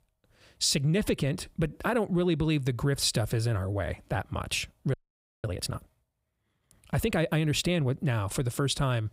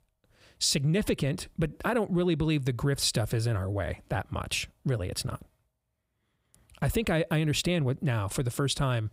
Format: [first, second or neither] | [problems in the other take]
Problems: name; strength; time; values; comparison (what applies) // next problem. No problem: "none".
second | audio freezing; at 5 s for 0.5 s